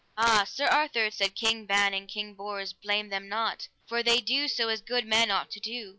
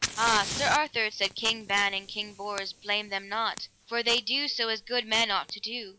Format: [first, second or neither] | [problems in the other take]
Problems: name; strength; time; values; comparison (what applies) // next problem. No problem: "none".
first | background sound (Fire); 12 dB below the speech